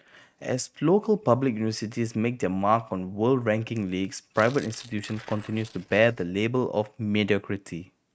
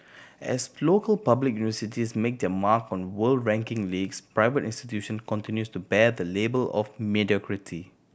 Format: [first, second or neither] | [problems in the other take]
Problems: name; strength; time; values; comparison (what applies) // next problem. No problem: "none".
second | noise reduction (neural mask model RNNoise)